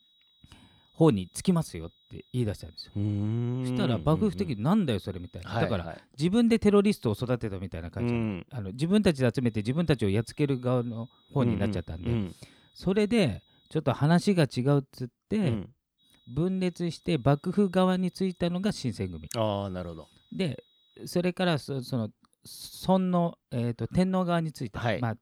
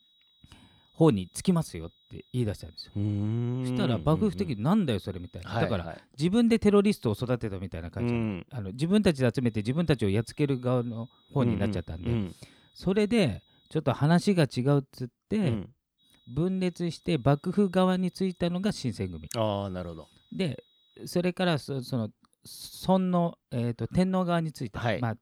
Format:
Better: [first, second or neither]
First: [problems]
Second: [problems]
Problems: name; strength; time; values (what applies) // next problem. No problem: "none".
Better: neither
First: high-pitched whine; faint; until 5.5 s, from 9.5 to 14 s and from 16 to 21 s; 4 kHz, 35 dB below the speech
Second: high-pitched whine; faint; until 5.5 s, from 9.5 to 14 s and from 16 to 21 s; 4 kHz, 35 dB below the speech